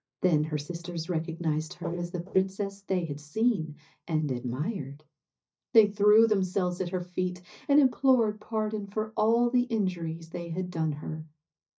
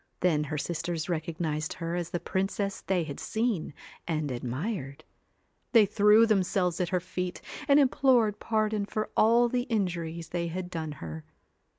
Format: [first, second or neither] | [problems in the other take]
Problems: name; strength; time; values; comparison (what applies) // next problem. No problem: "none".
second | noise reduction (neural mask model DeepFilterNet 3)